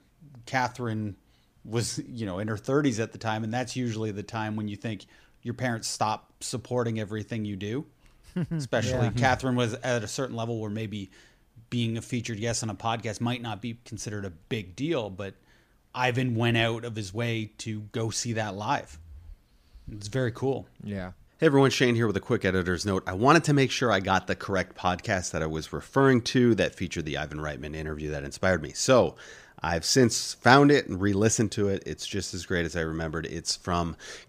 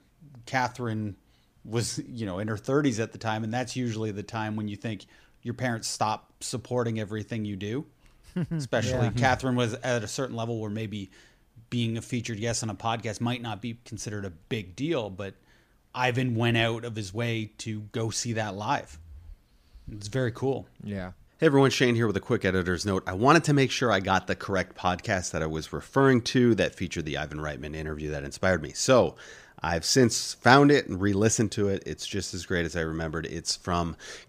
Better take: neither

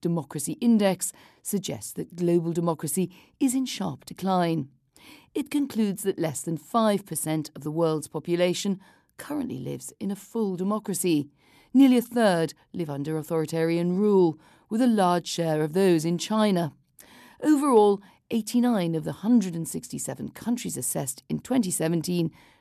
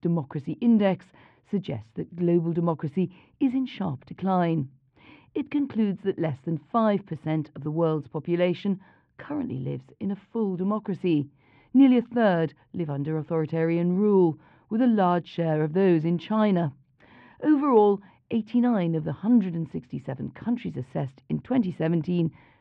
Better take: first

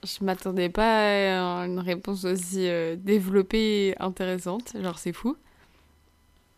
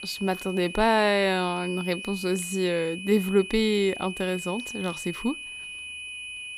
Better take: first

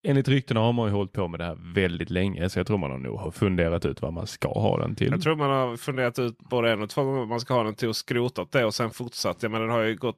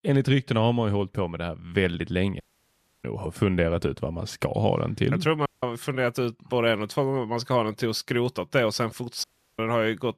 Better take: first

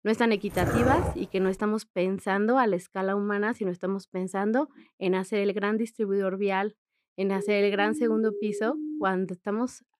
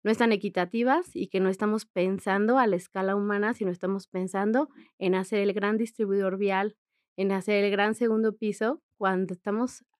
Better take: second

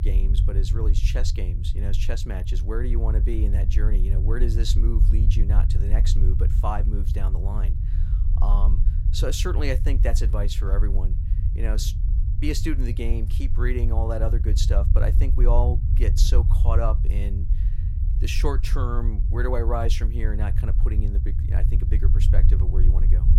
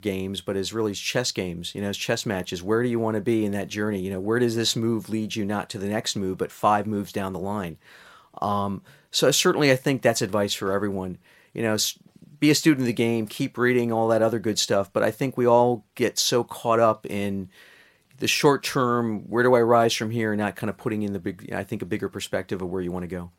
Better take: second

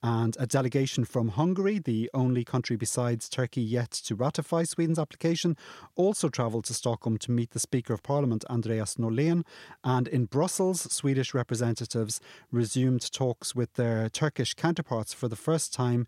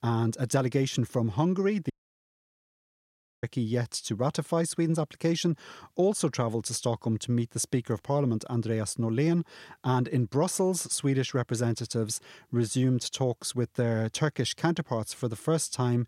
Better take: first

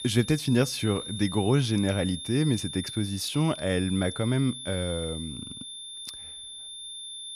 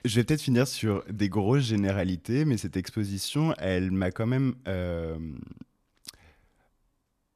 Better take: second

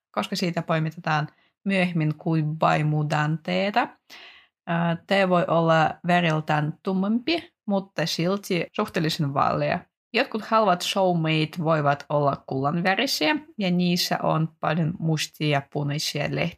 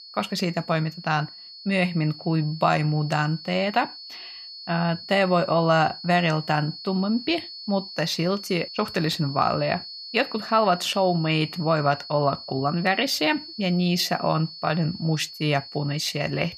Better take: first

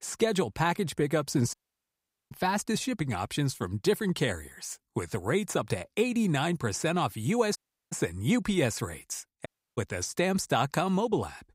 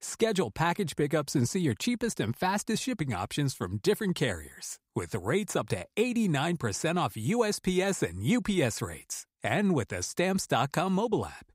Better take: second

